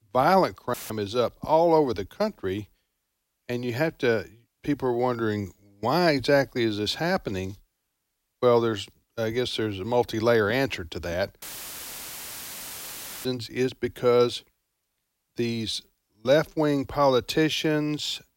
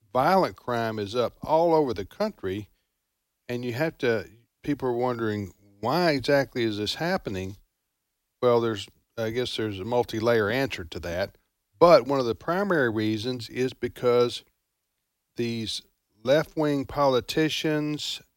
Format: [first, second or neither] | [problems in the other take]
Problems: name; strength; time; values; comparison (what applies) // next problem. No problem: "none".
second | audio cutting out; filled with static; at 0.5 s and at 11 s for 2 s